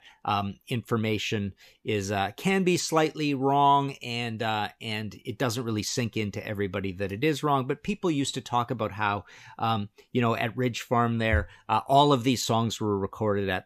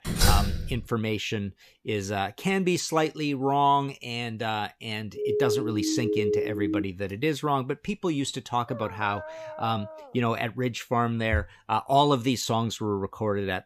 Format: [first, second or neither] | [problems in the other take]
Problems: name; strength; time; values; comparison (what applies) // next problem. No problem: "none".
first | door banging; loud; at the start; peak 5 dB above the speech // siren; loud; from 5 to 7 s; peak 2 dB above the speech // dog barking; faint; from 8.5 to 10 s; peak 10 dB below the speech